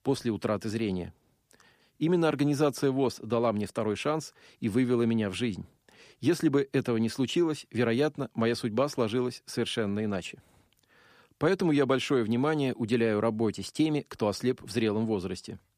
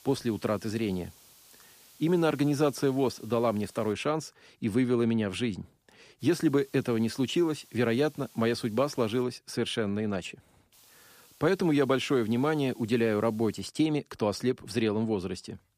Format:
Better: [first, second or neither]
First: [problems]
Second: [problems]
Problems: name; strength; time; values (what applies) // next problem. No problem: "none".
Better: first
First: none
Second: hiss; faint; until 4 s, from 6 to 9 s and from 11 to 14 s; 25 dB below the speech